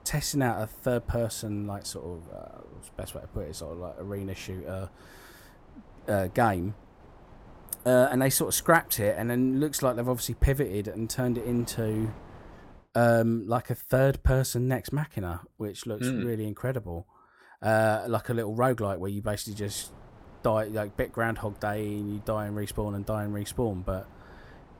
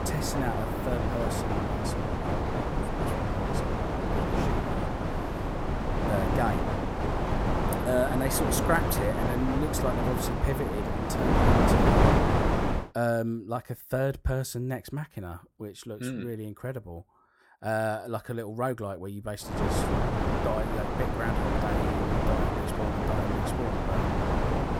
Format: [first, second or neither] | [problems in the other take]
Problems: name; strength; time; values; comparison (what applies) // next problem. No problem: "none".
first | wind noise on the microphone; heavy; until 13 s and from 20 s on; 3 dB above the speech; occasional gusts in the first